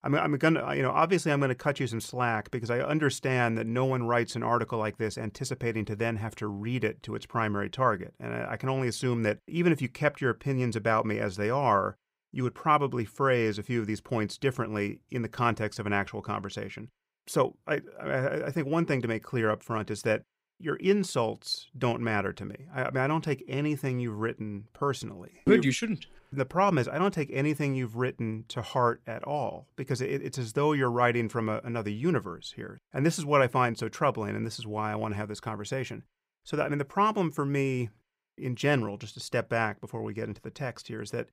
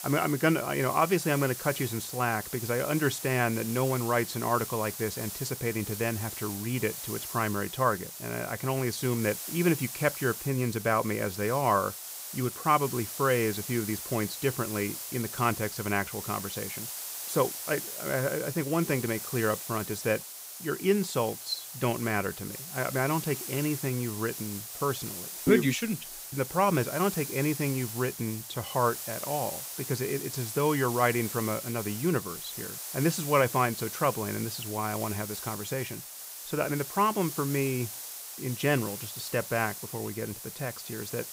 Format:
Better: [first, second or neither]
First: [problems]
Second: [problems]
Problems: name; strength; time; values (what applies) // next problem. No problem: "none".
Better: first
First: none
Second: hiss; loud; throughout; 7 dB below the speech